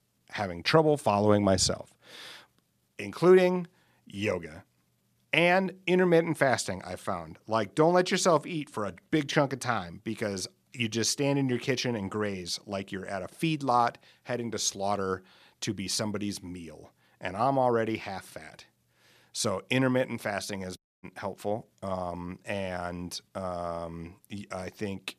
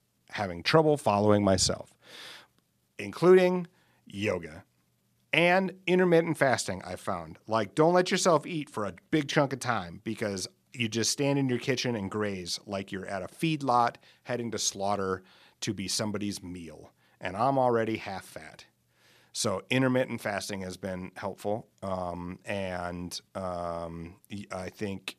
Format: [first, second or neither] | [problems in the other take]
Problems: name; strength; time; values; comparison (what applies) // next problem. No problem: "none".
second | audio cutting out; at 21 s